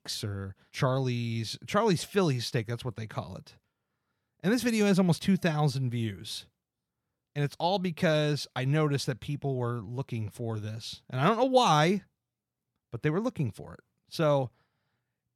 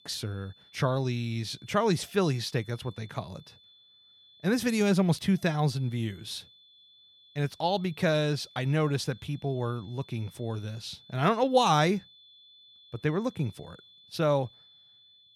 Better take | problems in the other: first | high-pitched whine; faint; throughout; 3.5 kHz, 25 dB below the speech

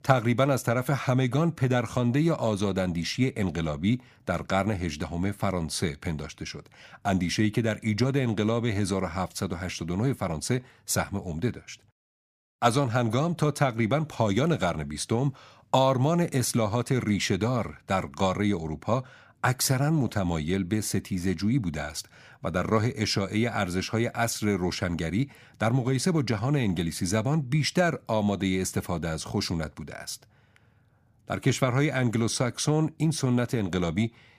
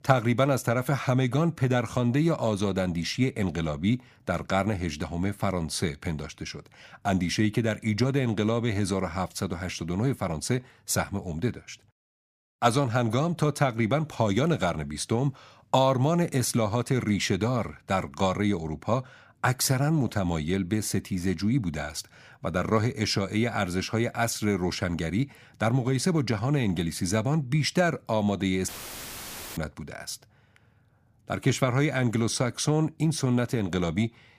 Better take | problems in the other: first | audio cutting out; filled with static; at 29 s for 1 s

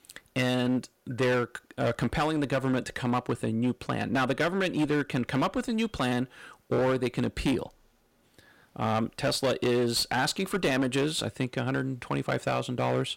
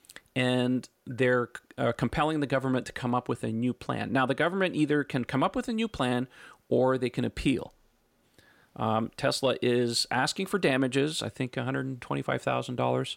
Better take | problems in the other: second | distortion; slight; 11% of the sound clipped

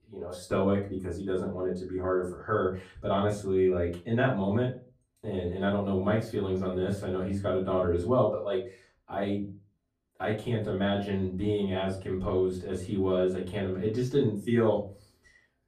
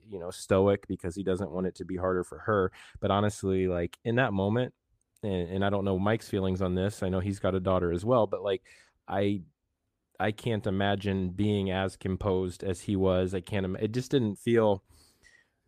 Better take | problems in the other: second | off-mic speech; far // room echo; very slight; dies away in 0.3 s

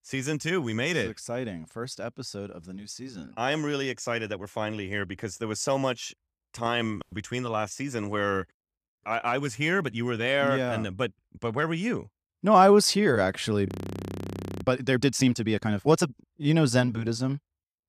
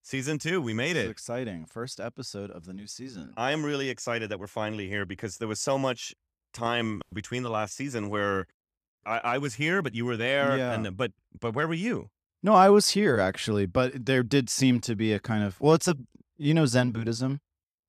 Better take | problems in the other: second | audio freezing; at 14 s for 1 s

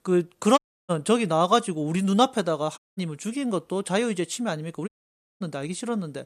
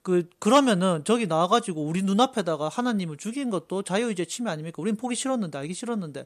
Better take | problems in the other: second | audio cutting out; at 0.5 s, at 3 s and at 5 s for 0.5 s

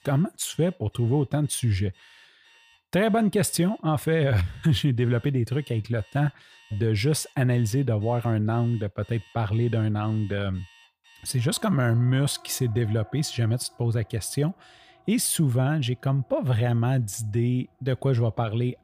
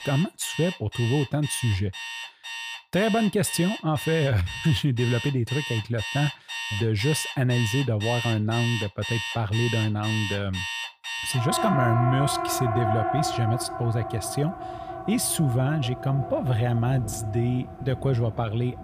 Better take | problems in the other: first | alarms or sirens; loud; throughout; 6 dB below the speech; faint in the first

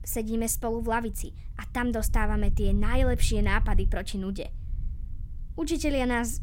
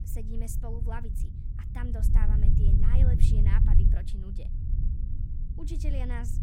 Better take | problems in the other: first | low rumble; loud; throughout; 1 dB below the speech; faint in the first

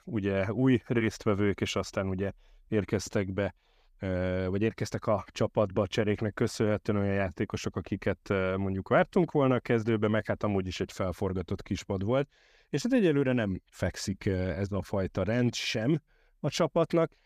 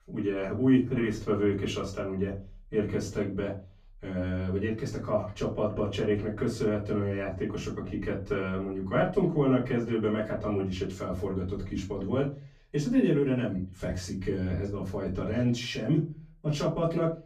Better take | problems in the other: first | room echo; slight; dies away in 0.3 s // off-mic speech; far

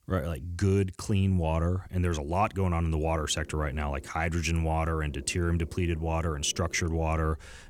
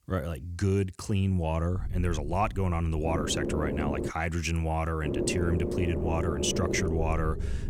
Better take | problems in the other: first | low rumble; loud; from 1.5 to 4 s and from 5 s on; 3 dB below the speech; faint in the first

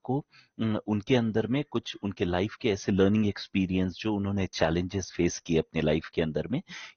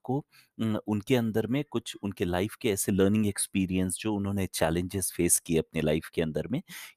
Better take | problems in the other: second | garbled, watery; slightly; nothing above 6.5 kHz

